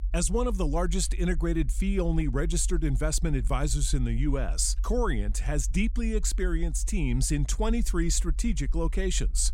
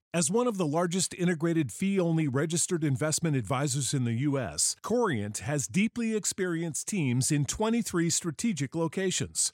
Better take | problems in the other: second | low rumble; faint; throughout; 25 dB below the speech

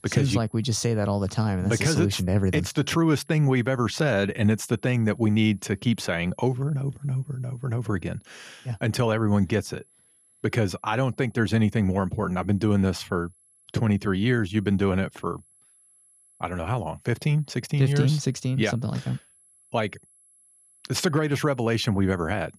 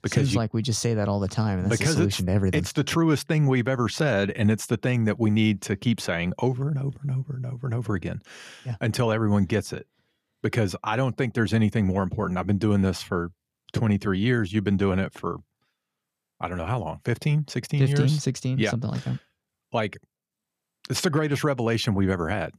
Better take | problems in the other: second | high-pitched whine; faint; throughout; 11 kHz, 30 dB below the speech

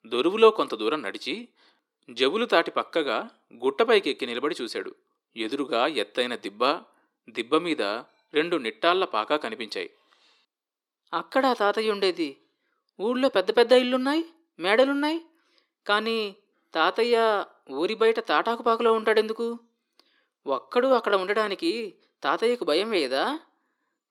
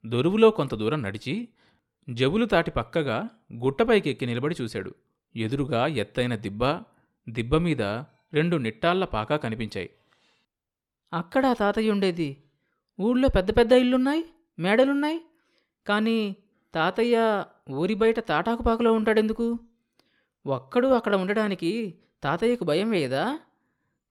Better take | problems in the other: second | thin; somewhat; fading below 300 Hz

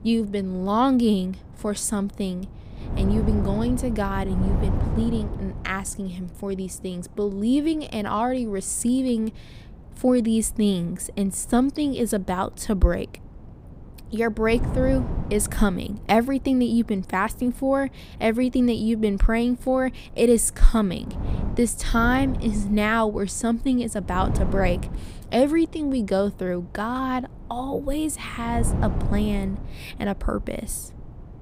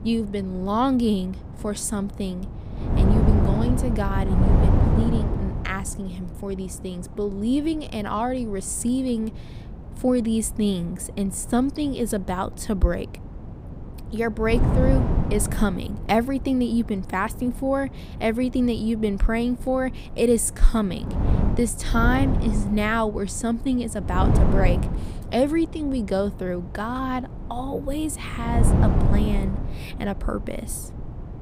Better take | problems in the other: first | wind noise on the microphone; heavy; 7 dB below the speech; occasional gusts in the first

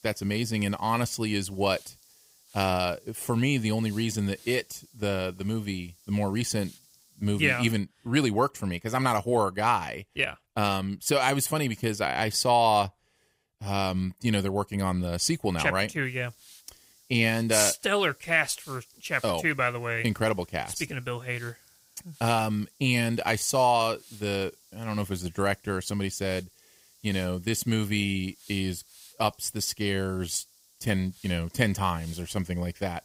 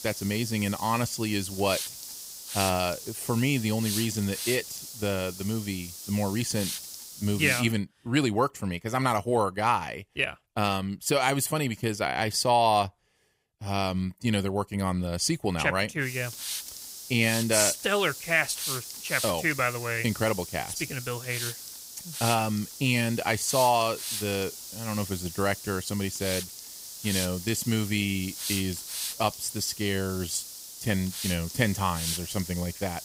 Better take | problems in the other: first | hiss; loud; until 7.5 s and from 16 s on; 7 dB below the speech; faint in the first

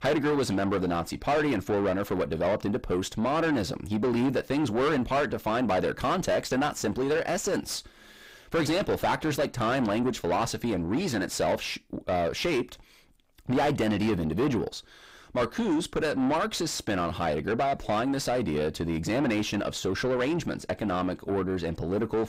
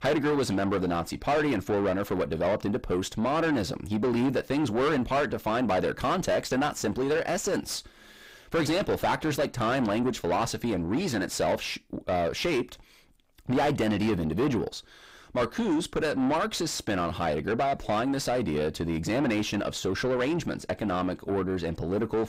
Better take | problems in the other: neither | distortion; heavy; 6 dB below the speech; the same in both

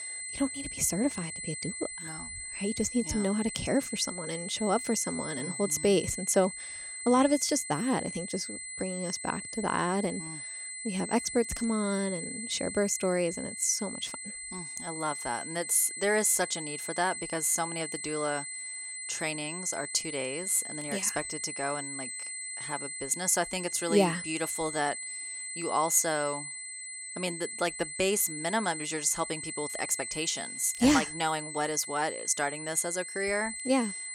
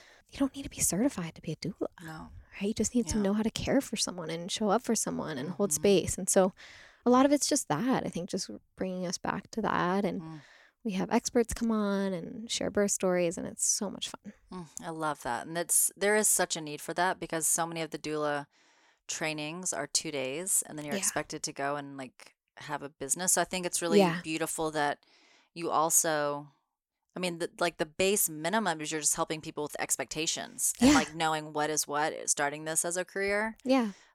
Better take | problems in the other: second | high-pitched whine; loud; throughout; 8 kHz, 7 dB below the speech

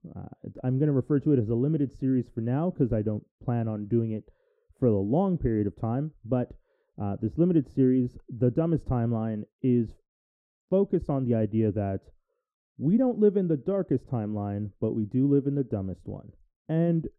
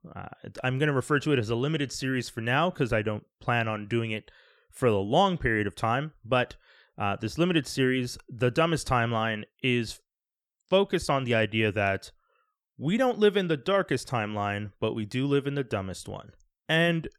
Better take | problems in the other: second | muffled; very; fading above 1 kHz

